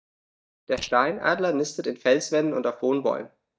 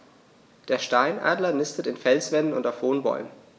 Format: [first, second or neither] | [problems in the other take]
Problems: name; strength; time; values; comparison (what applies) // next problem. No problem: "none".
second | noise reduction (neural mask model DeepFilterNet 3)